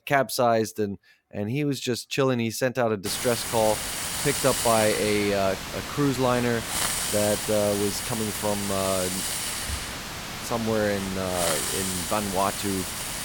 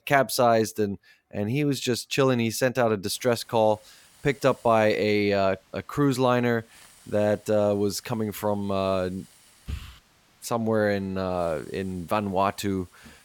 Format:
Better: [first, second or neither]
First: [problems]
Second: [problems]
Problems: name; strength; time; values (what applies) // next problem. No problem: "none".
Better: second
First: hiss; loud; from 3 s on; 2 dB below the speech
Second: hiss; faint; from 3 s on; 30 dB below the speech